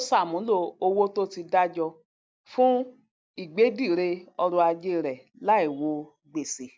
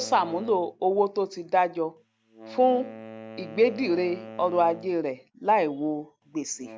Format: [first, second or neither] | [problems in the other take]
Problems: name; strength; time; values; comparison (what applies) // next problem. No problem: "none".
first | background sound (Wind instrument, woodwind instrument); 18 dB below the speech